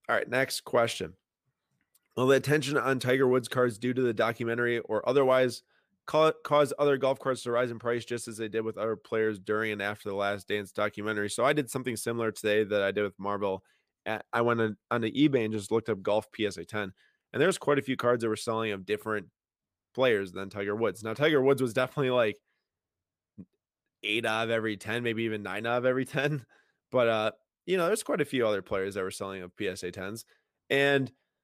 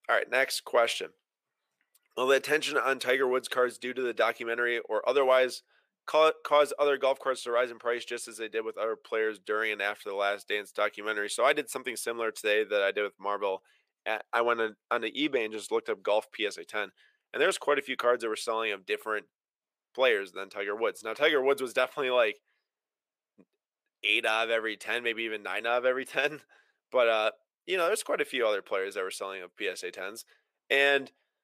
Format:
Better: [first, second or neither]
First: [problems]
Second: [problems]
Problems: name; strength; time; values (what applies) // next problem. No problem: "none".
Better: first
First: none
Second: thin; somewhat; fading below 550 Hz